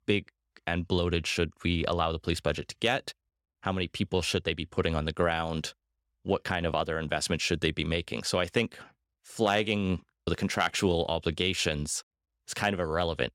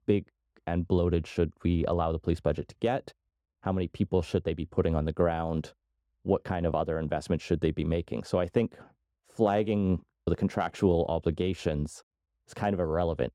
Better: first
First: none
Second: muffled; slightly; fading above 1.5 kHz

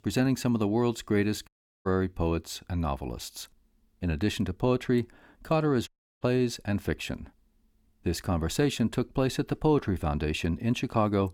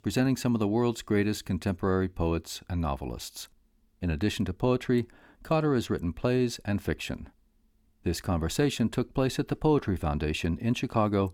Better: second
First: audio cutting out; at 1.5 s and at 6 s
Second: none

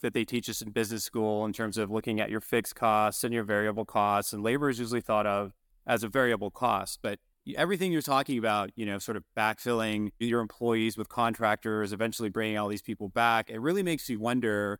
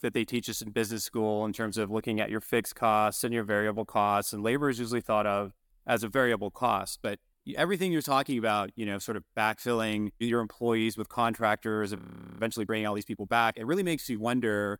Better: first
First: none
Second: audio freezing; at 12 s

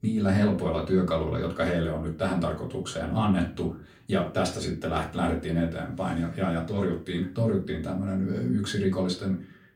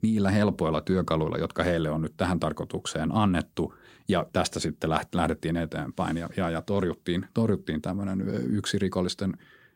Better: second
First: off-mic speech; far // room echo; very slight; dies away in 0.3 s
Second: none

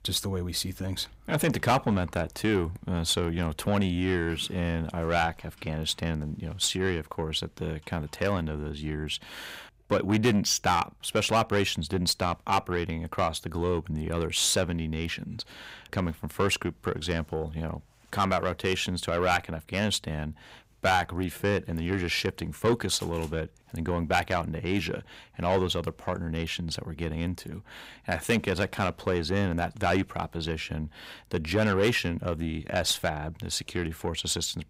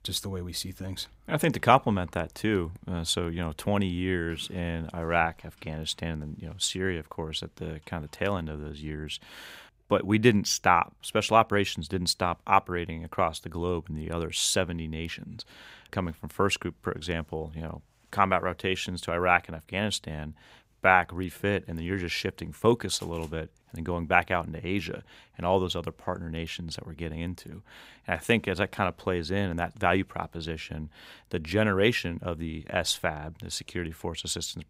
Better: second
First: distortion; heavy; 7 dB below the speech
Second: none

